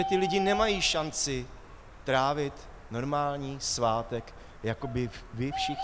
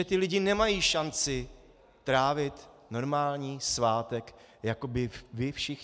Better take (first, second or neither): second